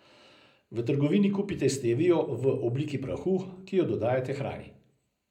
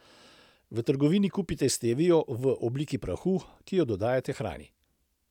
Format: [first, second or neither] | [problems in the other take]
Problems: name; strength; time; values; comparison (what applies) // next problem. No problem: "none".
second | room echo; dies away in 0.5 s